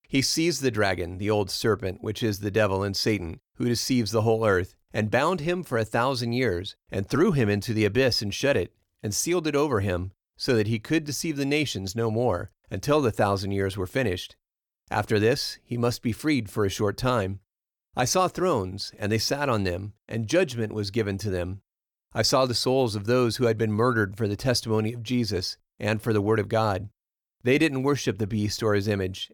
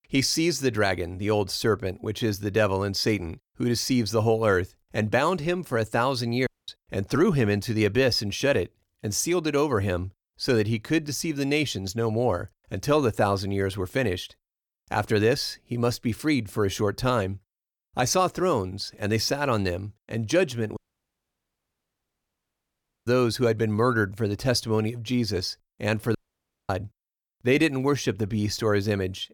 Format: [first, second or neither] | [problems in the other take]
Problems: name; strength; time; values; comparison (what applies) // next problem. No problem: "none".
first | audio cutting out; at 6.5 s, at 21 s for 2.5 s and at 26 s for 0.5 s